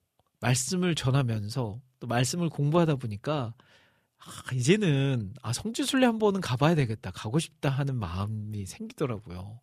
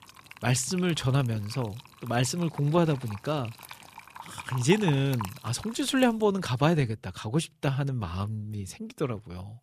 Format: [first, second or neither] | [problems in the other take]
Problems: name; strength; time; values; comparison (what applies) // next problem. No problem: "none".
first | household noises; noticeable; until 6 s; 15 dB below the speech